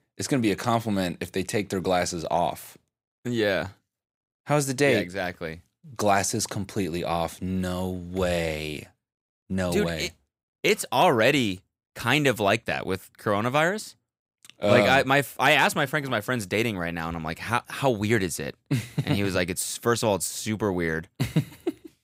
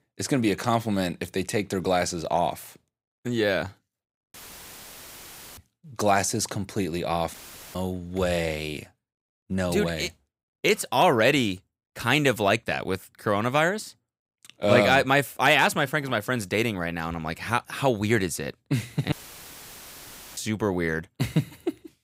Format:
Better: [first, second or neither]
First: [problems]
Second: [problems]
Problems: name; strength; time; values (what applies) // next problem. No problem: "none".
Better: first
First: none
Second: audio cutting out; filled with static; at 4.5 s for 1 s, at 7.5 s and at 19 s for 1.5 s